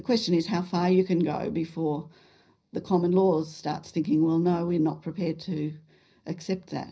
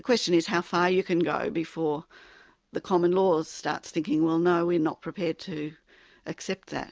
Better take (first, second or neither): second